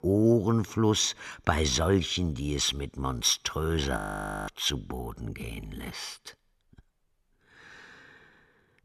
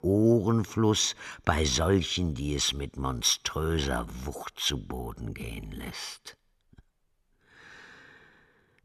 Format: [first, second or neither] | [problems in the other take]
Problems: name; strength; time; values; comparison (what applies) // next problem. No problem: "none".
second | audio freezing; at 4 s for 0.5 s